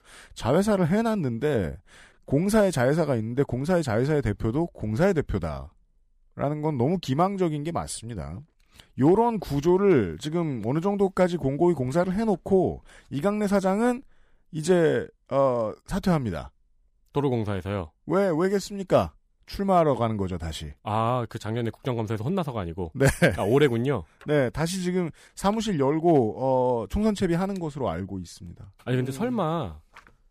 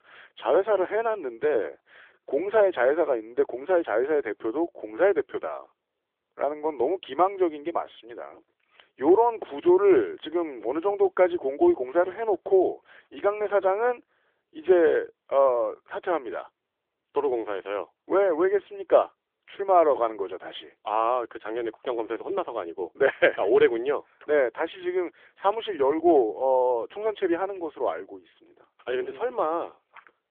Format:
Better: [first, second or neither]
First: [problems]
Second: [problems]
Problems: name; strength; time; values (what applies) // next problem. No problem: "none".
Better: first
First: none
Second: phone-call audio; nothing above 3.5 kHz